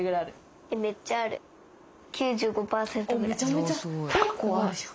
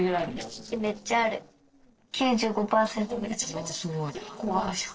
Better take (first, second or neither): first